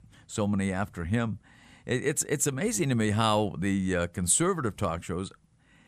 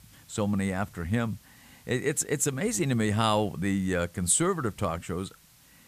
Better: first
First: none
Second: hiss; faint; throughout; 30 dB below the speech

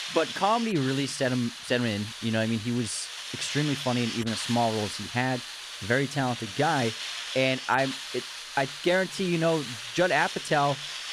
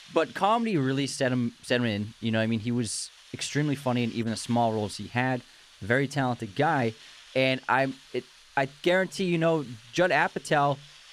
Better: second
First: hiss; loud; throughout; 7 dB below the speech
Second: hiss; faint; throughout; 25 dB below the speech

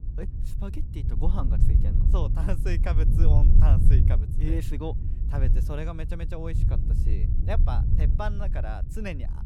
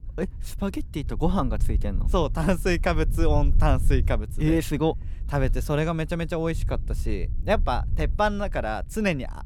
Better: second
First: low rumble; loud; throughout; 4 dB below the speech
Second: low rumble; faint; throughout; 20 dB below the speech

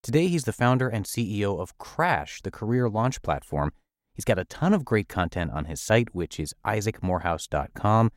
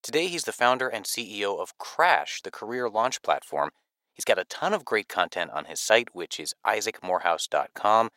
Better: first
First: none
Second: thin; very; fading below 600 Hz

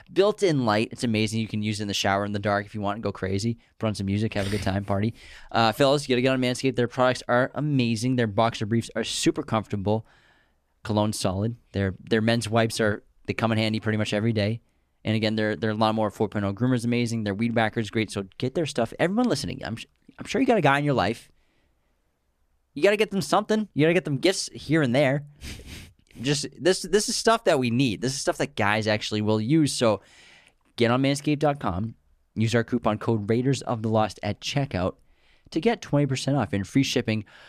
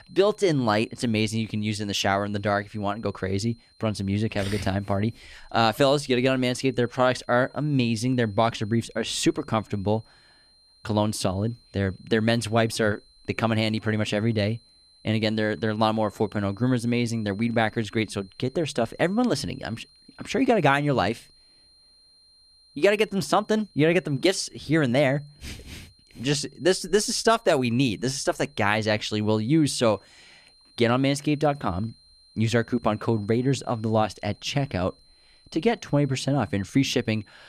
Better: first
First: none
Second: high-pitched whine; faint; throughout; 4 kHz, 30 dB below the speech

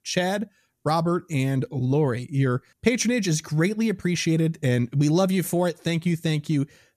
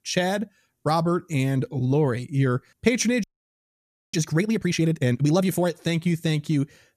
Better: first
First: none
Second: audio freezing; at 3 s for 1 s

